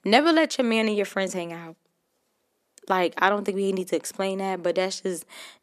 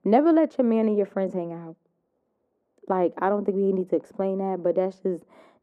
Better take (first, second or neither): first